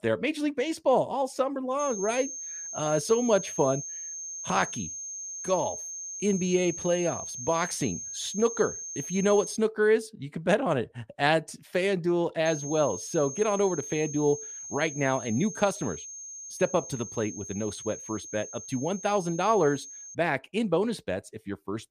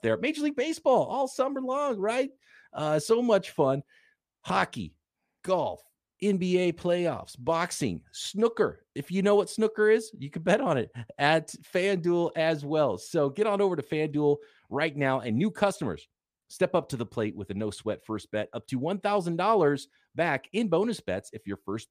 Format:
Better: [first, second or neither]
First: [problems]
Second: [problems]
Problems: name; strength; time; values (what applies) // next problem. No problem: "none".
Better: second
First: high-pitched whine; loud; from 2 to 9.5 s and from 12 to 20 s; 6.5 kHz, 8 dB below the speech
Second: none